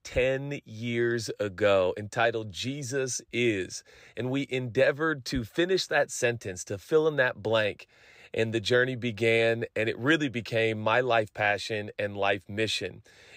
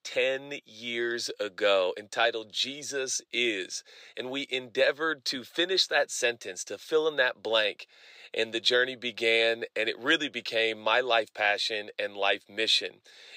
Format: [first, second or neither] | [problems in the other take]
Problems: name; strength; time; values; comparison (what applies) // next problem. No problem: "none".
first | thin; somewhat; fading below 400 Hz